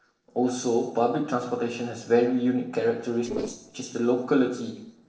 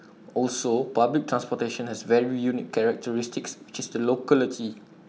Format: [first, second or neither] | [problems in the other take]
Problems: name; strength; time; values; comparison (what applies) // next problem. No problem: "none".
second | noise reduction (neural separator model SepFormer DNS4)